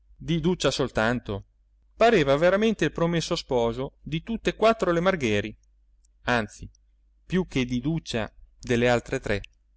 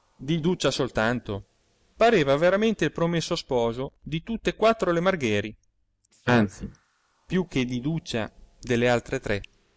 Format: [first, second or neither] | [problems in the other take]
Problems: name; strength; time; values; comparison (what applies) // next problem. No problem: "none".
first | noise reduction (neural mask model Resemble Enhance denoiser)